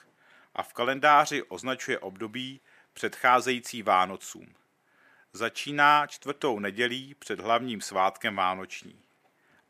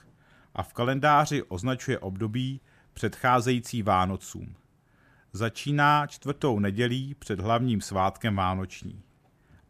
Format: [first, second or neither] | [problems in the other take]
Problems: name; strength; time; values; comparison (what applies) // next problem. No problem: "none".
second | thin; somewhat; fading below 350 Hz